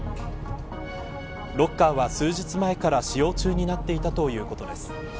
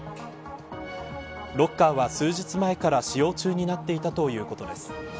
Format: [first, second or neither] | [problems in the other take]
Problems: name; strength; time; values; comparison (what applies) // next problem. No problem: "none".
second | background sound (Engine); 7 dB below the speech